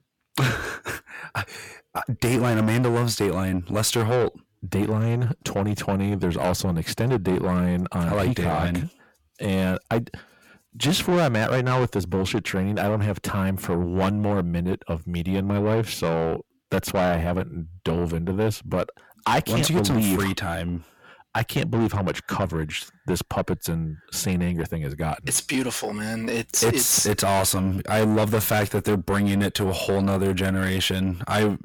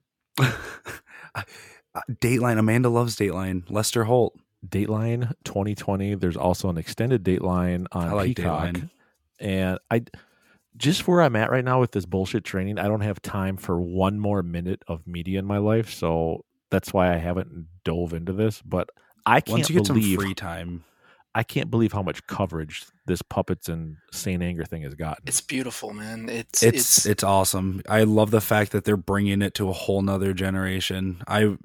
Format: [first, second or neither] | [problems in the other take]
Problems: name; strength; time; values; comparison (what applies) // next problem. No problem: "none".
second | distortion; heavy; 7 dB below the speech